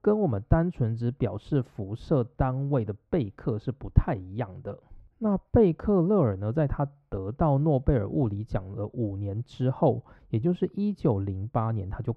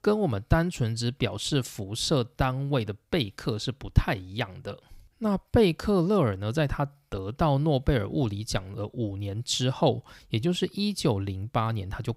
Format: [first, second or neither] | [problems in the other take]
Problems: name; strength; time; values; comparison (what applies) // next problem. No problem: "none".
second | muffled; very; fading above 2.5 kHz